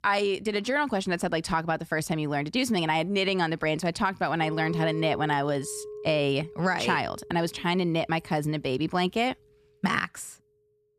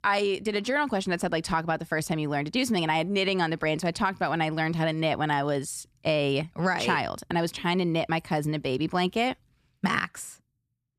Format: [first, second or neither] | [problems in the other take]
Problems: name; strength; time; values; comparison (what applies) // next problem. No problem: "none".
second | clattering dishes; noticeable; from 4.5 to 7.5 s; peak 7 dB below the speech